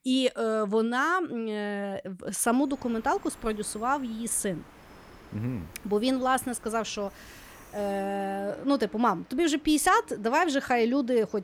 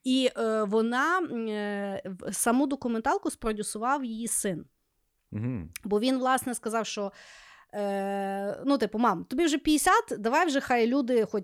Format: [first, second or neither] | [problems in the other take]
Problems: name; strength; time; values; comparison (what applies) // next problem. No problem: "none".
second | train or aircraft noise; faint; from 2.5 s on; 25 dB below the speech